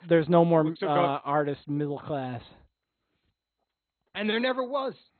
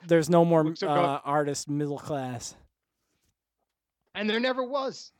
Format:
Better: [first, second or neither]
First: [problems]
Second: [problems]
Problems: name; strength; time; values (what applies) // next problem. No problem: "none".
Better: second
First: garbled, watery; badly; nothing above 4 kHz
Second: none